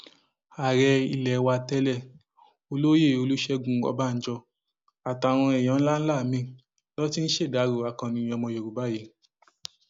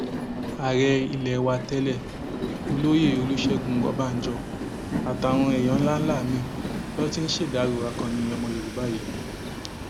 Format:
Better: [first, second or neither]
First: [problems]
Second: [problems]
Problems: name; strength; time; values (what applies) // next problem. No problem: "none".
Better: first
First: none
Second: background sound (Train); 4 dB below the speech